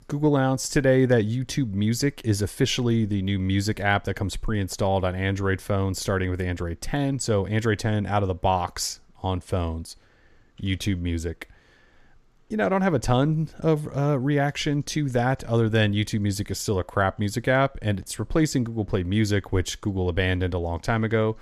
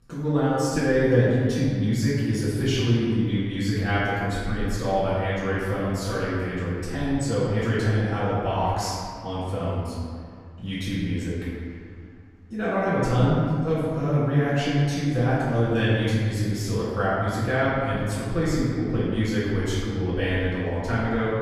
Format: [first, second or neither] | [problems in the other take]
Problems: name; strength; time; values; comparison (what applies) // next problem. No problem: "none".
first | off-mic speech; far // room echo; strong; dies away in 2.1 s